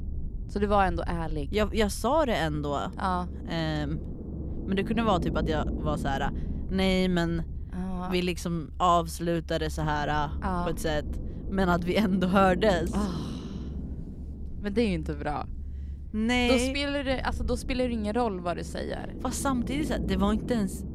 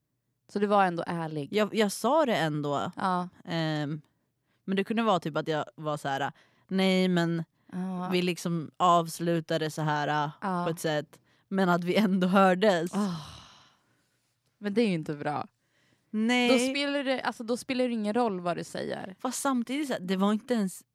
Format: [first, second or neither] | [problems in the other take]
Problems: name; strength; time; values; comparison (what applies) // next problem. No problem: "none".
second | low rumble; noticeable; throughout; 15 dB below the speech